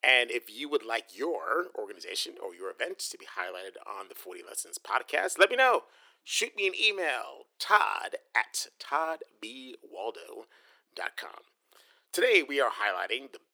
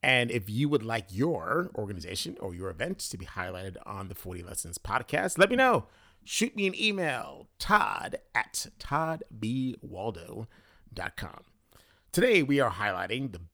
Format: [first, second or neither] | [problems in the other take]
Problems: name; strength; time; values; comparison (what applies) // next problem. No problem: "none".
second | thin; very; fading below 350 Hz